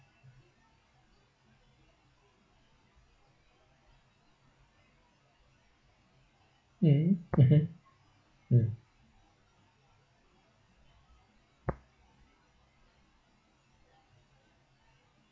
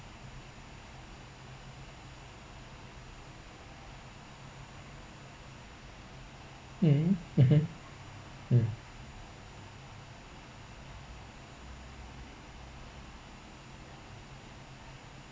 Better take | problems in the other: second | noise reduction (classical method log-MMSE)

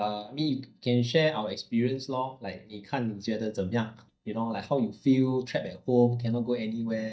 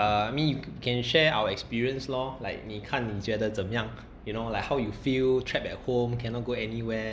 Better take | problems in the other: second | noise reduction (neural mask model DeepFilterNet 3)

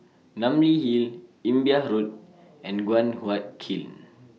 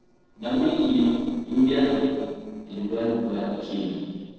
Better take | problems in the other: first | noise reduction (neural separator model SepFormer DNS4)

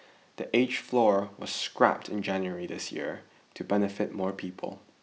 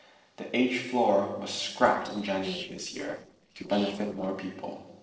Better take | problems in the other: first | noise reduction (neural separator model SepFormer DNS4)

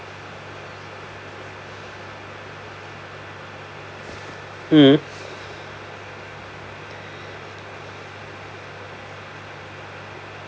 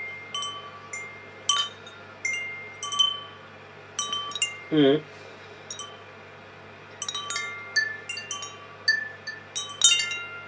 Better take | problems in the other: first | background sound (Wind chime); 3 dB above the speech // room echo; dies away in 0.2 s

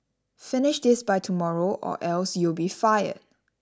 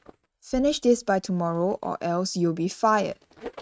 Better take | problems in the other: first | noise reduction (neural mask model RNNoise)

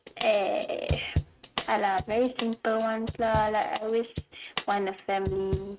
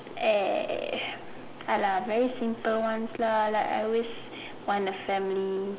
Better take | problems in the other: second | noise reduction (neural mask model RNNoise)

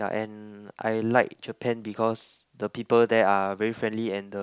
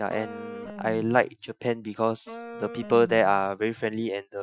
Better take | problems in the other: first | noise reduction (classical method Wiener filter)

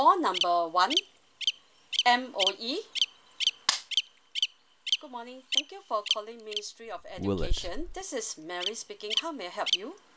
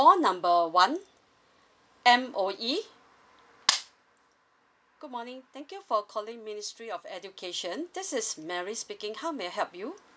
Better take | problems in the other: second | background sound (Bird vocalization, bird call, bird song); 1 dB below the speech

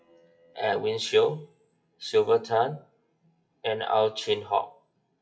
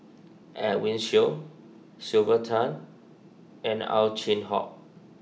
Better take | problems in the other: second | noise reduction (classical method WPE with log-MMSE)

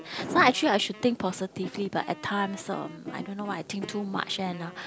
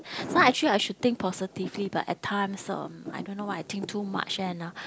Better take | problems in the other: second | background sound (Wind instrument, woodwind instrument); 20 dB below the speech

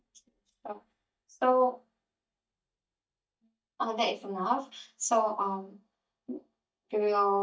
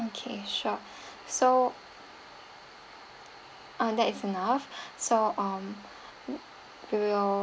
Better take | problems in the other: second | noise reduction (neural mask model DeepFilterNet 3)

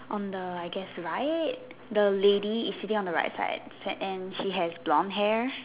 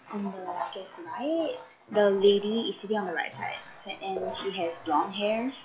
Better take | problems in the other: first | noise reduction (classical method log-MMSE)

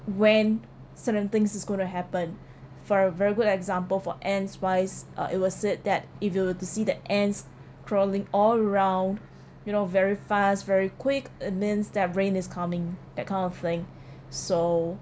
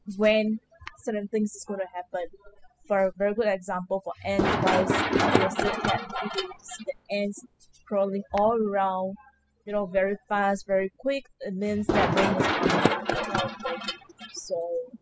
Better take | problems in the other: first | noise reduction (classical method spectral subtraction)

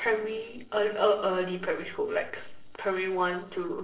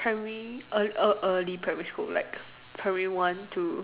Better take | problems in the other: second | noise reduction (neural separator model SepFormer DNS4)

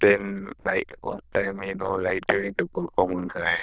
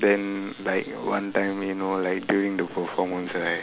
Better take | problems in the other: second | noise reduction (neural diffusion model UNIVERSE++)

